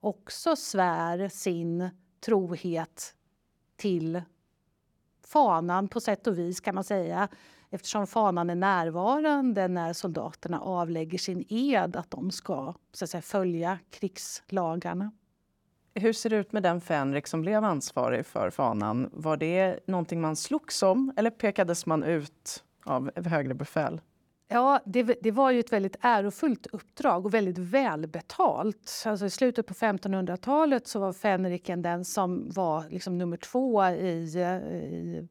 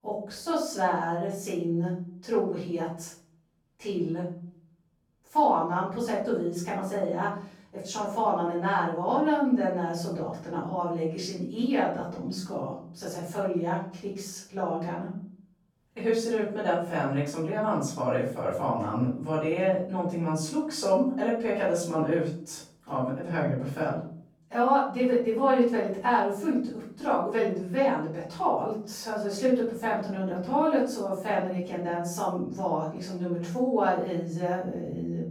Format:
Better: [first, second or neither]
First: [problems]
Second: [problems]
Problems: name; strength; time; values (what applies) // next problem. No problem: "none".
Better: first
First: none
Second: off-mic speech; far // room echo; noticeable; dies away in 0.5 s